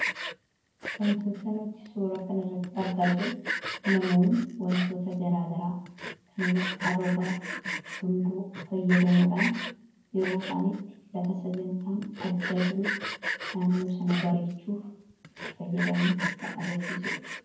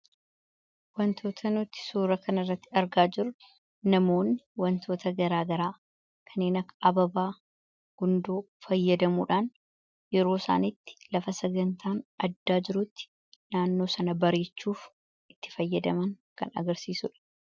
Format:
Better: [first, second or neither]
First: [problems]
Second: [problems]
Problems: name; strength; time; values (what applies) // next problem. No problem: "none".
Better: second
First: background sound (Sawing); 8 dB below the speech // room echo; dies away in 0.9 s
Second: none